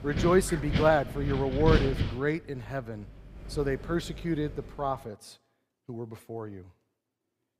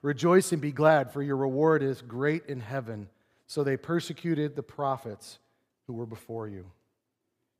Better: second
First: wind noise on the microphone; faint; until 5 s; 8 dB below the speech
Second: none

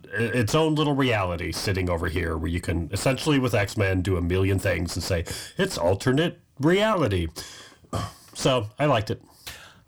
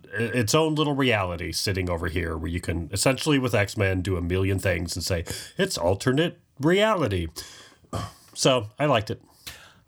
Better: second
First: distortion; slight; 10 dB below the speech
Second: none

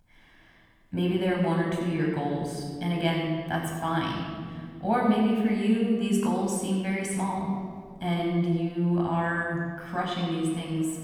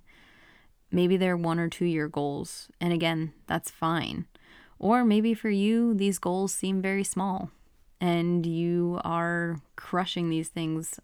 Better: second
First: off-mic speech; somewhat distant // room echo; noticeable; dies away in 1.8 s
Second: none

